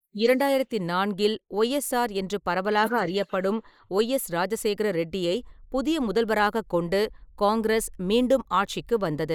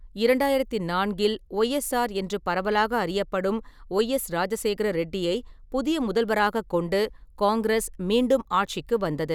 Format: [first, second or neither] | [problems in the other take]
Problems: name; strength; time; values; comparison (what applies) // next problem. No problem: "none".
second | noise reduction (neural mask model Resemble Enhance denoiser)